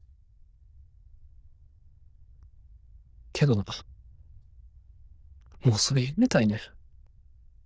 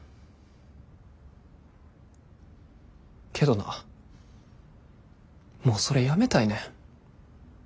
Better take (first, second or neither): second